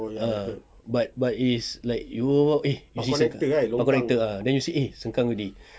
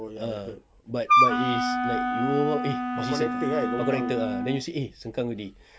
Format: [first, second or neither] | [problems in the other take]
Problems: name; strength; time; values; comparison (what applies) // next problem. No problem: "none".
first | background sound (Wind instrument, woodwind instrument); 4 dB above the speech